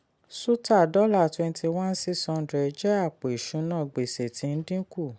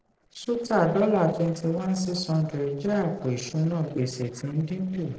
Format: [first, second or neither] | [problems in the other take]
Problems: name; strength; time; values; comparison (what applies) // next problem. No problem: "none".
first | noise reduction (neural separator model SepFormer DNS4)